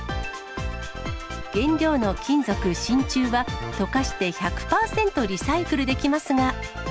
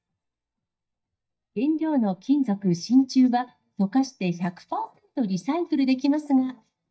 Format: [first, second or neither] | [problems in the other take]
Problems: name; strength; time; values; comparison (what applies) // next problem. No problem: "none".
first | noise reduction (neural mask model DeepFilterNet 3)